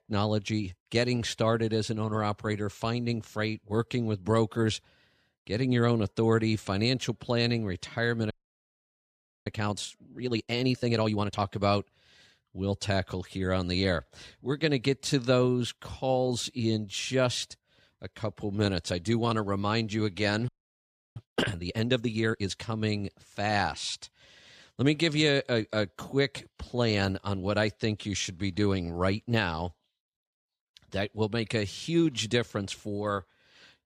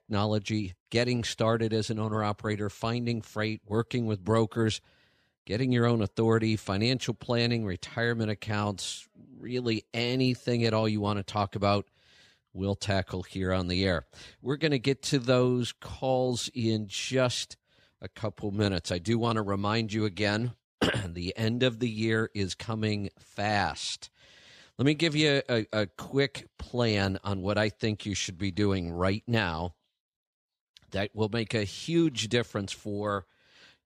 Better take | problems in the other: second | audio freezing; at 8.5 s for 1 s and at 20 s for 0.5 s

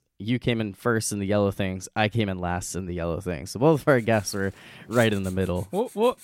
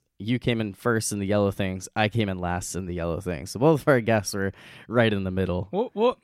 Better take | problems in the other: second | household noises; faint; from 4 s on; 20 dB below the speech

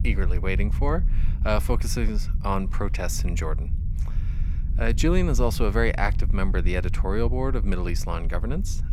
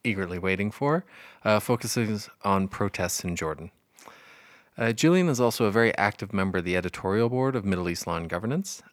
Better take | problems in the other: second | low rumble; noticeable; throughout; 15 dB below the speech

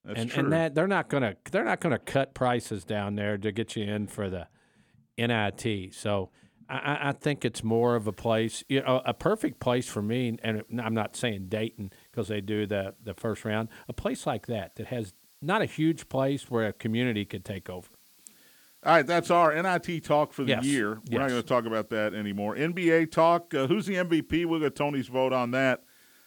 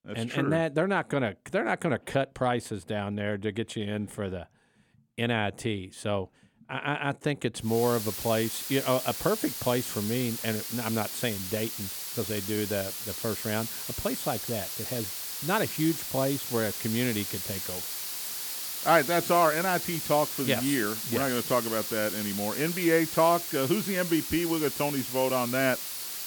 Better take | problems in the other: first | hiss; loud; from 7.5 s on; 4 dB below the speech; faint in the first

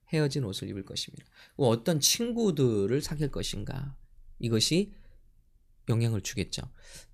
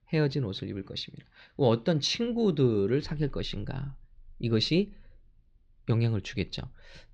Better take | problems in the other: first | muffled; very slightly; fading above 4 kHz

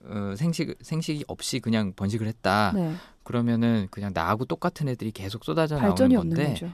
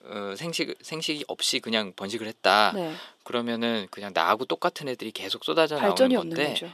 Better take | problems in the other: first | thin; somewhat; fading below 450 Hz

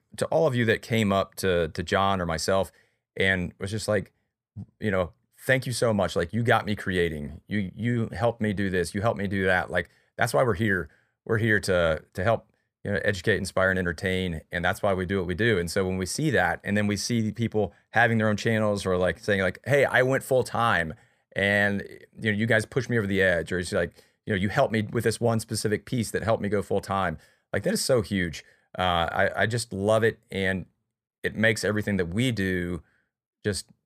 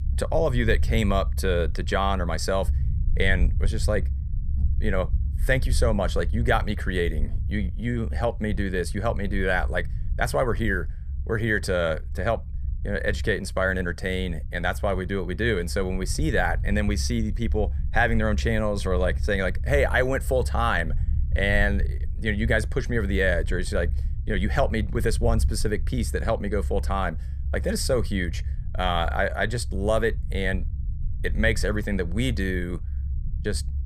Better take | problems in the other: first | low rumble; faint; throughout; 20 dB below the speech

